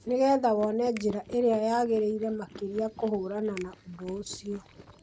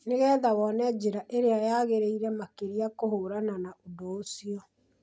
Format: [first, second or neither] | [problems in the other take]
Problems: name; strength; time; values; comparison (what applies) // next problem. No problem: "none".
second | background sound (Chewing, mastication + Finger snapping); 19 dB below the speech